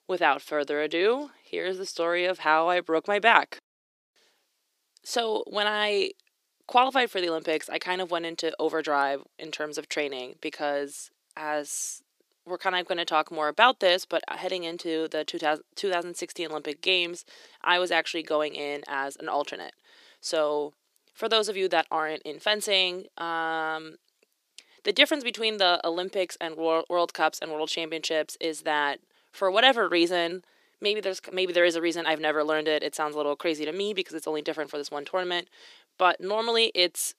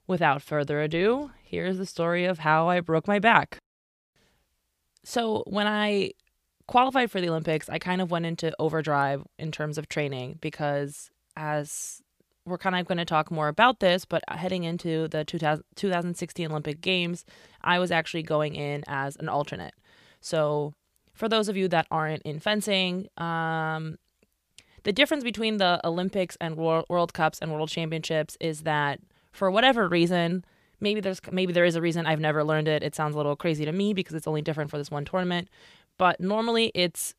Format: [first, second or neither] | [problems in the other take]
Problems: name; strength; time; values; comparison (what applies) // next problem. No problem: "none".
second | thin; somewhat; fading below 300 Hz